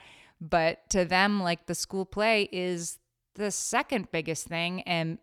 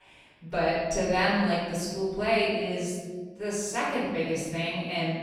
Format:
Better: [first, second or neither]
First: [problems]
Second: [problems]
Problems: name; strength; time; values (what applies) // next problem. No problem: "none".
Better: first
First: none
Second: room echo; strong; dies away in 1.5 s // off-mic speech; far